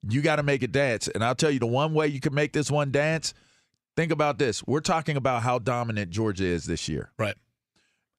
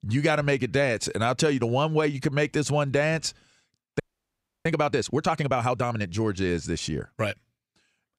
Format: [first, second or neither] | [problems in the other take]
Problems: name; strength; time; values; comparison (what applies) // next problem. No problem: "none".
first | audio freezing; at 4 s for 0.5 s